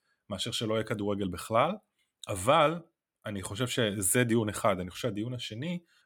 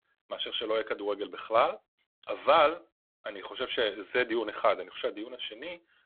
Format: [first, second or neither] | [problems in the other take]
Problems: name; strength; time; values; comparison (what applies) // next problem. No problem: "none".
first | phone-call audio; poor line